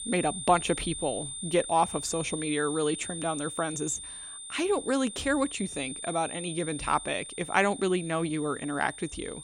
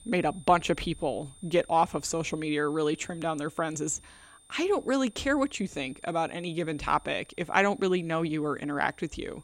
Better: second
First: high-pitched whine; loud; throughout; 9 kHz, 8 dB below the speech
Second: high-pitched whine; faint; throughout; 9 kHz, 25 dB below the speech

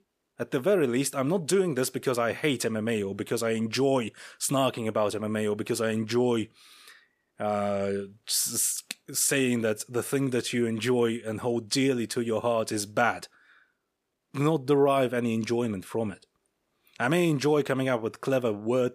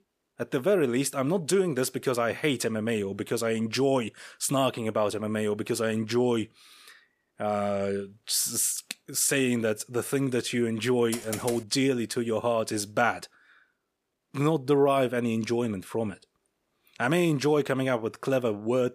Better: first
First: none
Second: keyboard typing; noticeable; at 11 s; peak 9 dB below the speech

